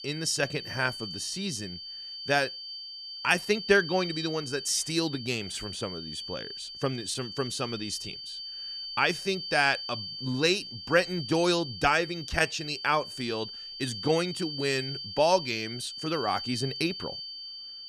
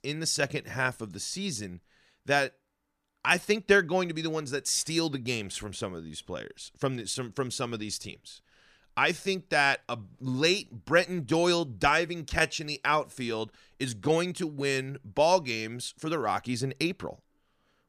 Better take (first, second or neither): second